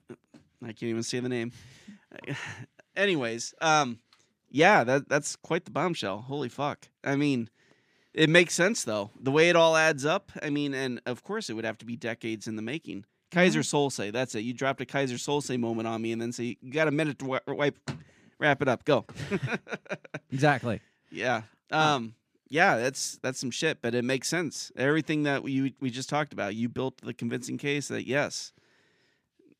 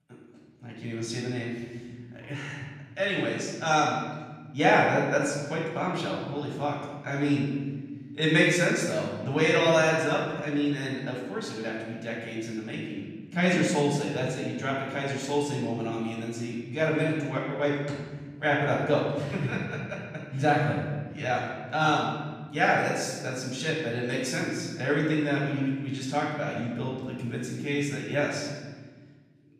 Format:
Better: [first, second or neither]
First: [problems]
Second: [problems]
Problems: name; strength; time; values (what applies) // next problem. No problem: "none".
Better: first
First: none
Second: room echo; noticeable; dies away in 1.6 s // off-mic speech; far